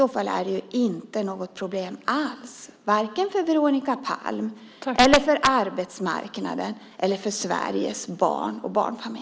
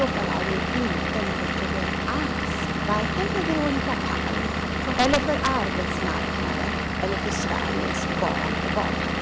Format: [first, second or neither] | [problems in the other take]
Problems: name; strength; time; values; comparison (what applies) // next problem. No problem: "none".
first | background sound (Engine / Vehicle); 3 dB above the speech